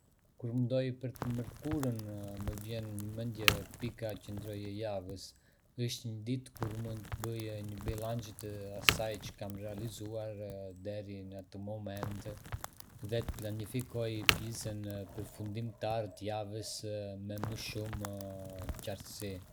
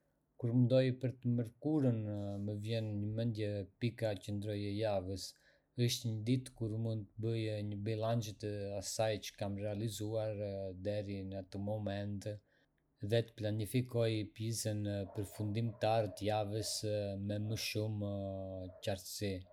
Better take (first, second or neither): second